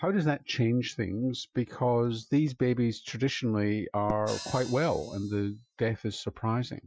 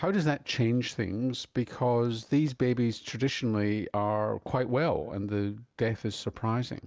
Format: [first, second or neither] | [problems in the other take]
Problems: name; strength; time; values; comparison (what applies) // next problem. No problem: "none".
second | noise reduction (classical method Wiener filter)